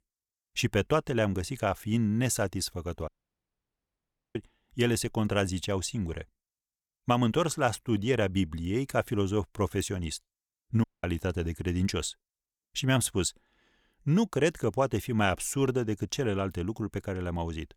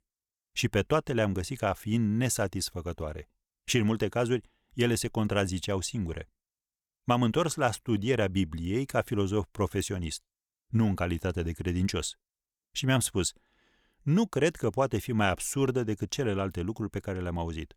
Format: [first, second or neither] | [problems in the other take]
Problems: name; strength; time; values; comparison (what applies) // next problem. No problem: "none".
second | audio cutting out; at 3 s for 1.5 s and at 11 s